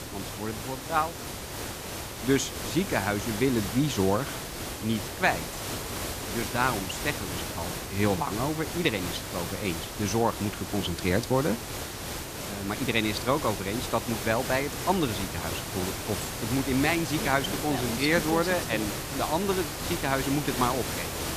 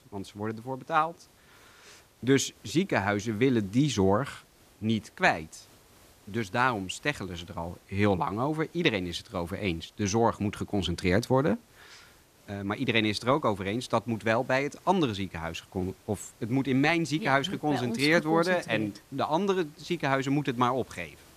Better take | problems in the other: second | hiss; loud; throughout; 5 dB below the speech; faint in the second

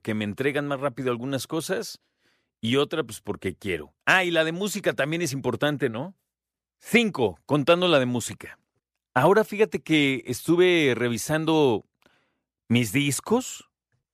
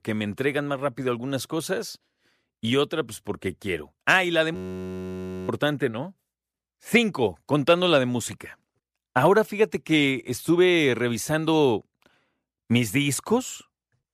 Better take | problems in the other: first | audio freezing; at 4.5 s for 1 s

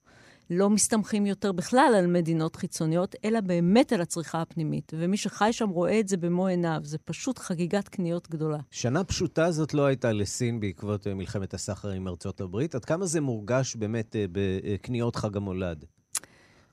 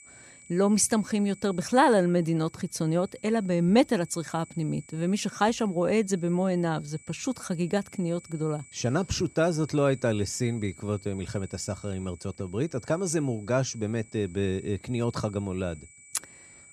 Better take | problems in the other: first | high-pitched whine; faint; throughout; 8 kHz, 25 dB below the speech

